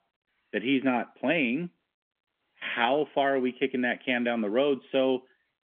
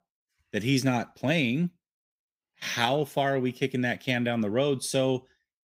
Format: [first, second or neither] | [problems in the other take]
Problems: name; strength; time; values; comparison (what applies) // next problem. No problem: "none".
second | phone-call audio; nothing above 3.5 kHz